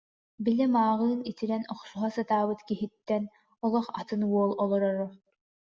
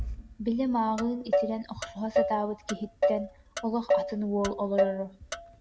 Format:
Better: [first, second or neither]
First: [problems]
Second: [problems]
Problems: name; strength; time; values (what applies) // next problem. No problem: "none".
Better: first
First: none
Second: background sound (Motor vehicle (road)); as loud as the speech